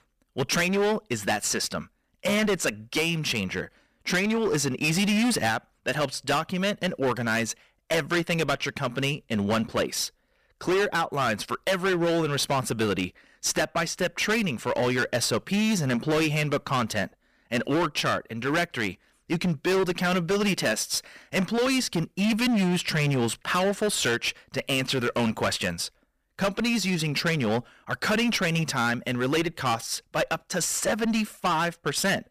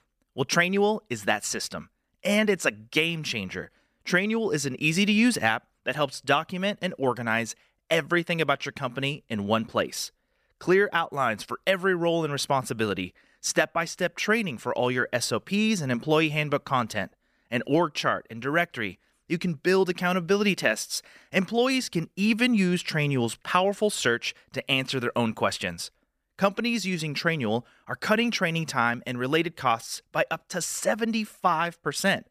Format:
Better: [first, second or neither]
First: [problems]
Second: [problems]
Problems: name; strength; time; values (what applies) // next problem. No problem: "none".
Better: second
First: distortion; heavy; 16% of the sound clipped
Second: none